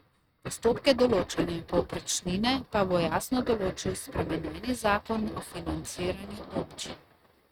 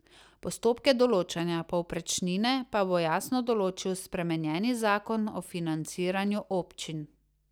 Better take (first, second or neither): second